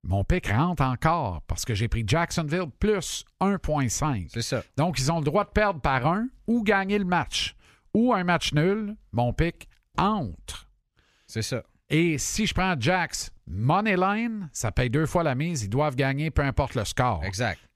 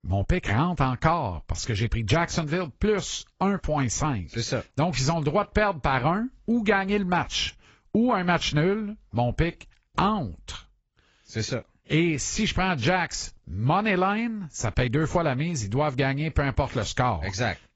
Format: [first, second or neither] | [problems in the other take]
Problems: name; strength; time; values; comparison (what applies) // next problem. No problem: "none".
first | garbled, watery; badly; nothing above 7.5 kHz